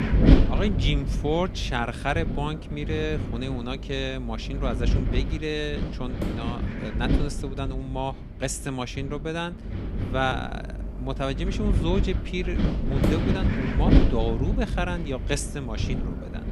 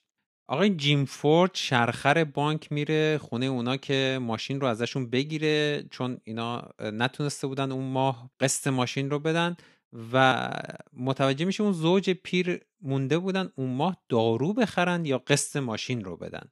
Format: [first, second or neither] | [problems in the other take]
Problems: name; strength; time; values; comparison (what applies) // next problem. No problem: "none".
second | wind noise on the microphone; heavy; 4 dB below the speech